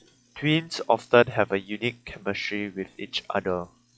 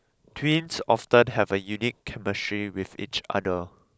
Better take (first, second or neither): second